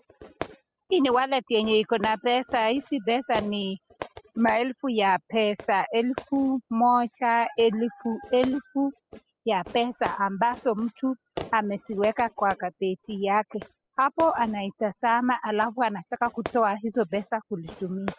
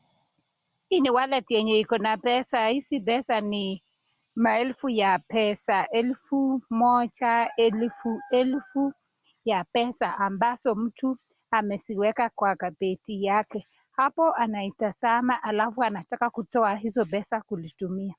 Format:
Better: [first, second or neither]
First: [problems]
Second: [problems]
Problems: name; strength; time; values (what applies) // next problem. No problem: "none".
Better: second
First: noise reduction (classical method spectral subtraction)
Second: none